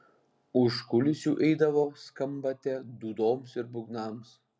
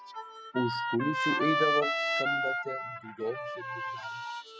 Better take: first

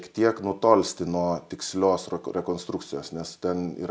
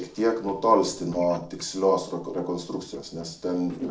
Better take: first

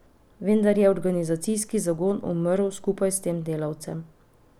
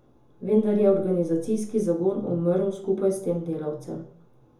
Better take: first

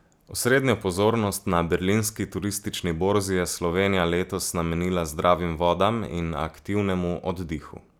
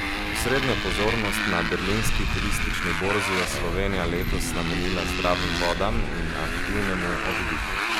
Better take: first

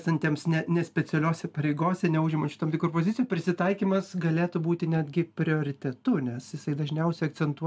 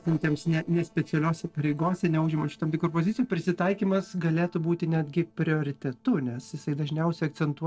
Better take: first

